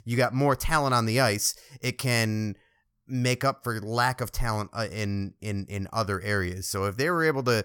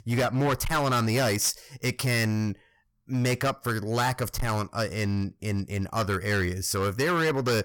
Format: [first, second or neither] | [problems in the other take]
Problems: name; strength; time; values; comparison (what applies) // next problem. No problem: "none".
first | distortion; heavy; 14% of the sound clipped